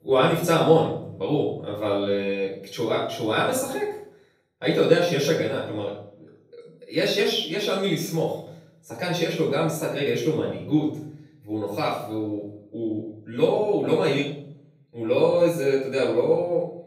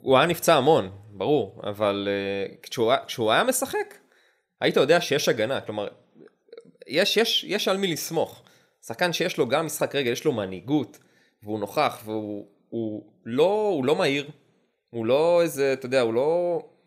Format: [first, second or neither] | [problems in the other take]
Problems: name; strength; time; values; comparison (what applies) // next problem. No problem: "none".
second | off-mic speech; far // room echo; noticeable; dies away in 0.7 s